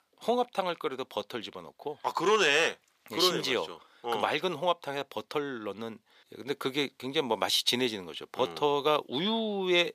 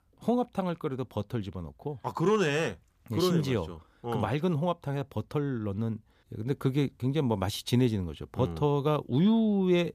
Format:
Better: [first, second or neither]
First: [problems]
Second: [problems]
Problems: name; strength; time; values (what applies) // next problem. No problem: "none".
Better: second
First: thin; somewhat; fading below 450 Hz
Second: none